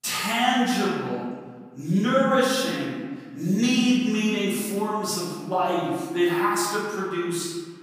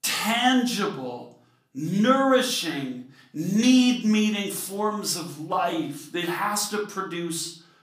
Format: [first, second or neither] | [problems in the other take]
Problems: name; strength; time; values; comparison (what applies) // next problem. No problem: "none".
second | room echo; strong; dies away in 1.5 s; slight in the second // off-mic speech; far; somewhat distant in the second